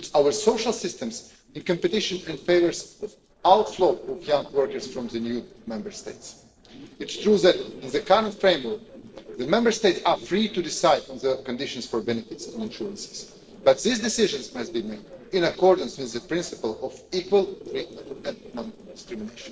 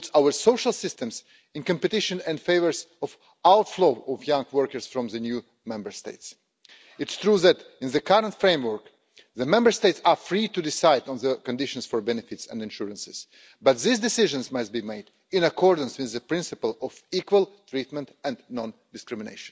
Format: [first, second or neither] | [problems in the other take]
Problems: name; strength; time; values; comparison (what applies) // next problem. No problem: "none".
second | noise reduction (neural separator model SepFormer DNS4)